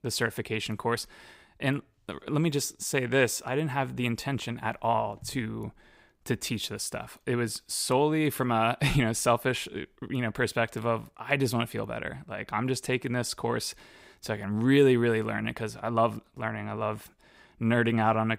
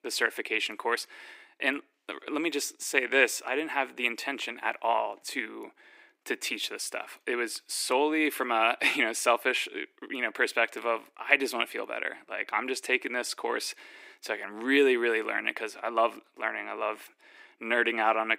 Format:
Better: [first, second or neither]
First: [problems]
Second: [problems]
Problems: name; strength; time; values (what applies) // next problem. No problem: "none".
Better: first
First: none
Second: thin; somewhat; fading below 300 Hz